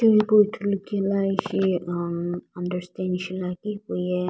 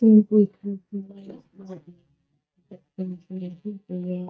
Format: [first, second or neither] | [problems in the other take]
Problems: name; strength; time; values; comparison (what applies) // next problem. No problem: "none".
first | noise reduction (neural mask model DeepFilterNet 3)